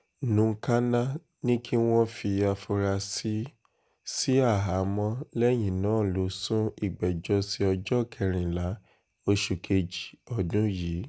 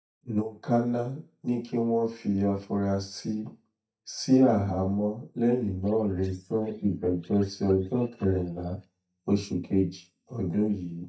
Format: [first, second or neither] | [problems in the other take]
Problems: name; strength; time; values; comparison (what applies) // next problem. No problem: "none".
first | noise reduction (neural mask model DeepFilterNet 3)